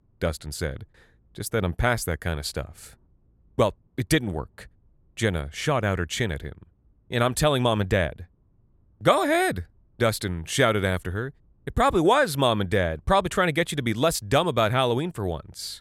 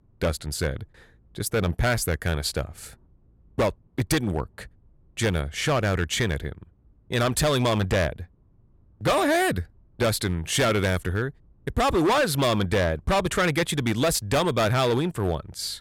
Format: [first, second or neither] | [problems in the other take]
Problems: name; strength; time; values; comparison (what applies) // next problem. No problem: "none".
first | distortion; heavy; 10% of the sound clipped